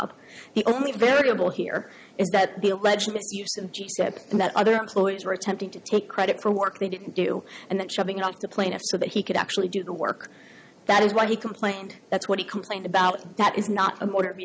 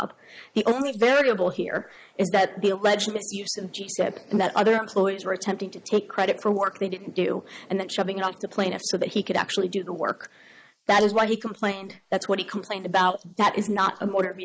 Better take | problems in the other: first | noise reduction (neural mask model Resemble Enhance denoiser)

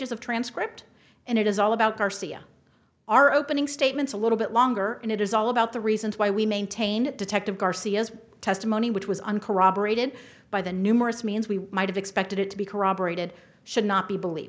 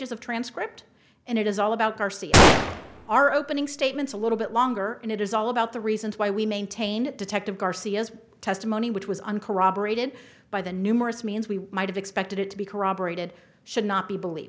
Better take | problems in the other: first | background sound (Gunshot, gunfire); 4 dB above the speech

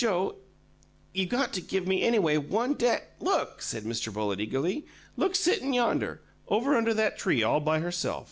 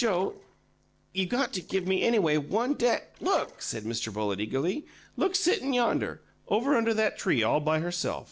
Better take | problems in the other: first | noise reduction (neural separator model SepFormer DNS4)

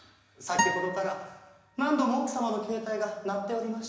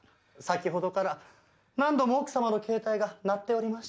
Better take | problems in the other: second | background sound (Acoustic guitar); 2 dB below the speech // room echo; dies away in 1 s

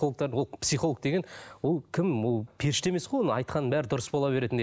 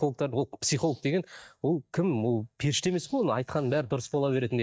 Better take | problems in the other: first | noise reduction (neural mask model DeepFilterNet 3)

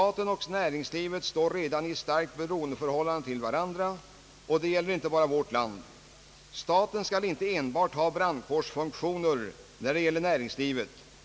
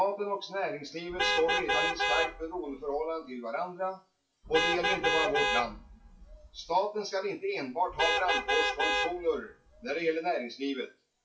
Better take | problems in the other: first | noise reduction (classical method WPE with log-MMSE)

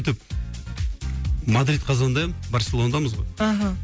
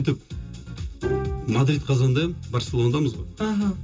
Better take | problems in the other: first | background sound (Bowed string instrument); 11 dB below the speech // room echo; dies away in 0.2 s

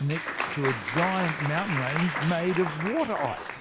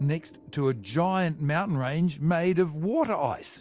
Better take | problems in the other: second | background sound (Applause); 4 dB below the speech

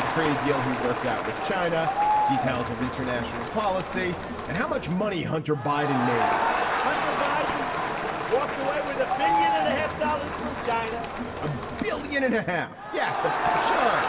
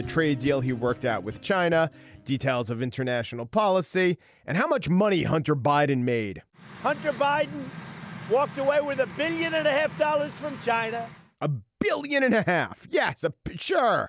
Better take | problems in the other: second | background sound (Crowd); 1 dB above the speech // room echo; dies away in 1.3 s

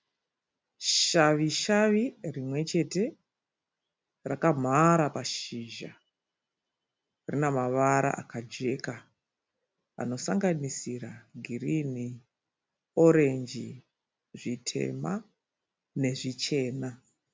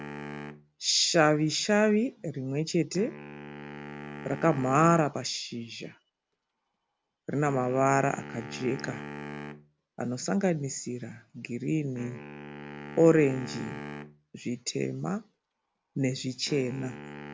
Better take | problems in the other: first | background sound (Wind instrument, woodwind instrument); 15 dB below the speech

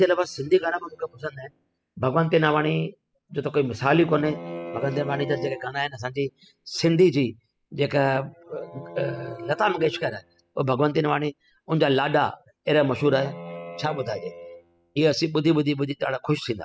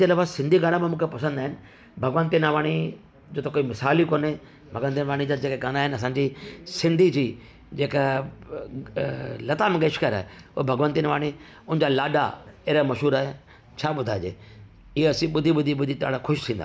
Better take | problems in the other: second | noise reduction (classical method spectral subtraction)

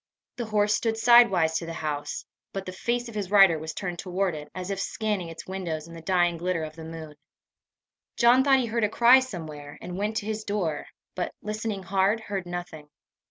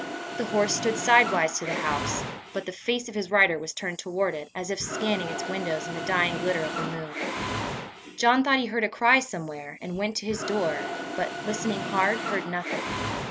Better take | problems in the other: first | background sound (Mechanisms); 7 dB below the speech

